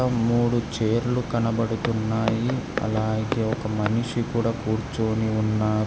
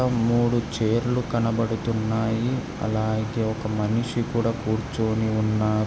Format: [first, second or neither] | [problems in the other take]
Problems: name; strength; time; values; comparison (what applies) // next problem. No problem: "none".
second | background sound (Walk, footsteps); 10 dB below the speech